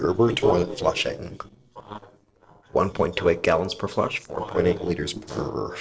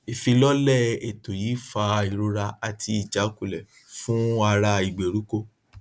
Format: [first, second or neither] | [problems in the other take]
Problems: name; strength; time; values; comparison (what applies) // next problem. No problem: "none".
second | noise reduction (neural separator model SepFormer DNS4)